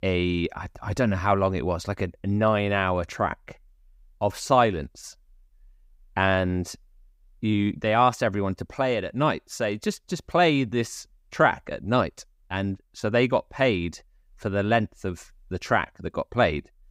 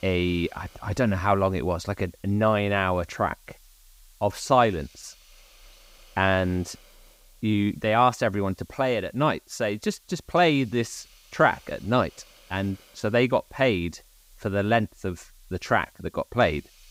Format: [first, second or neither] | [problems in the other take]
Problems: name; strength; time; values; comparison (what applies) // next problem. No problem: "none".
first | hiss; faint; throughout; 30 dB below the speech